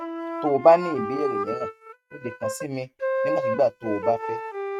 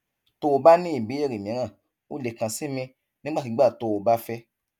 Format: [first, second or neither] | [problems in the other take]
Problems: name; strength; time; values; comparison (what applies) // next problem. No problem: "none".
second | noise reduction (neural mask model RNNoise)